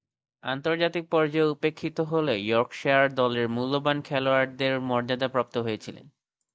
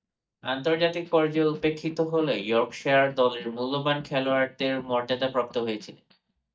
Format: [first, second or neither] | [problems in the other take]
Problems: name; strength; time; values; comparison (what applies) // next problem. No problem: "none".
first | noise reduction (neural mask model DeepFilterNet 3)